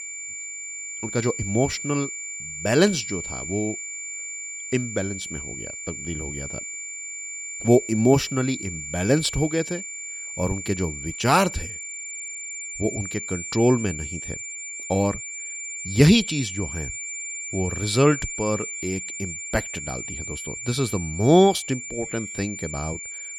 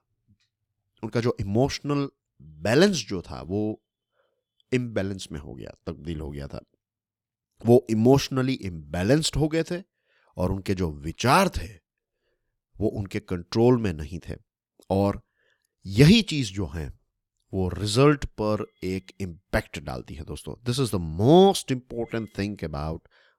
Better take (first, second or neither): second